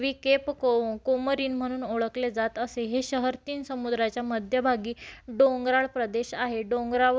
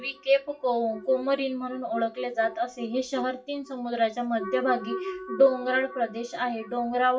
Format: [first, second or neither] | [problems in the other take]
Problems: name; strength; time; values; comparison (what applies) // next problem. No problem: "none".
first | noise reduction (classical method WPE with log-MMSE)